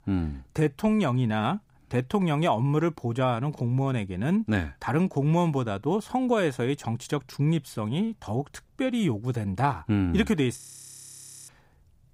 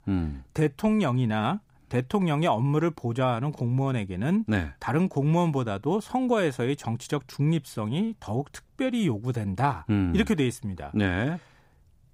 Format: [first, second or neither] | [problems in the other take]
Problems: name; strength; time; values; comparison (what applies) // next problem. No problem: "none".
second | audio freezing; at 11 s for 1 s